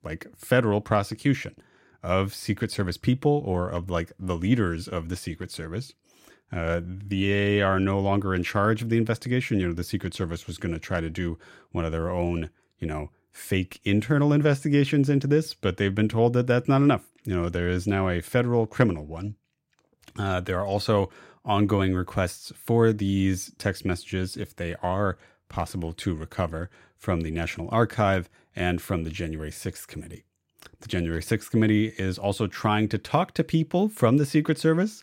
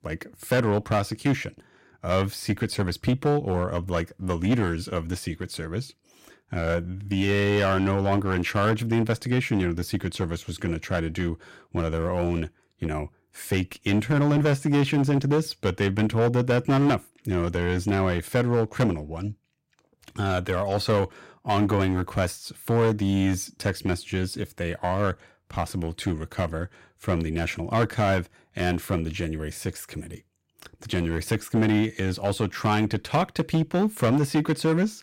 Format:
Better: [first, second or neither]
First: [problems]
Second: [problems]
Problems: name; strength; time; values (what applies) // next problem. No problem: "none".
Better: first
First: none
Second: distortion; slight; 6% of the sound clipped